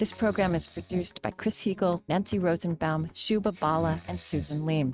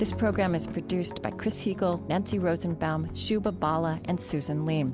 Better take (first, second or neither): second